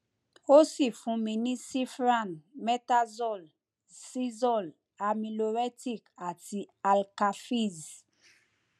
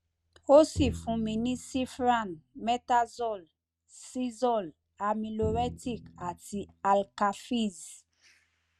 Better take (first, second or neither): first